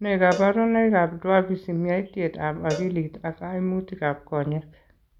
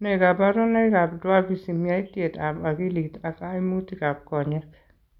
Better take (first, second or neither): second